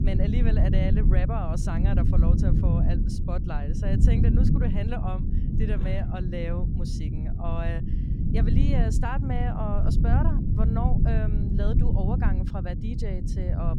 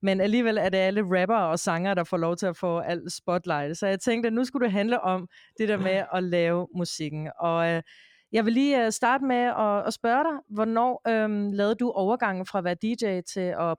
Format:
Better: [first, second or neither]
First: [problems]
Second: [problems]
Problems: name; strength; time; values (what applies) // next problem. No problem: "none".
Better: second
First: low rumble; loud; throughout; 2 dB below the speech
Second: none